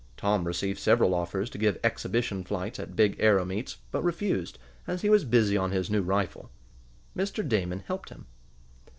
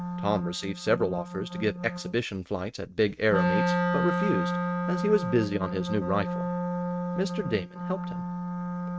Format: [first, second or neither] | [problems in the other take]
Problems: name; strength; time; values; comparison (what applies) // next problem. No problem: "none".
first | noise reduction (neural mask model RNNoise)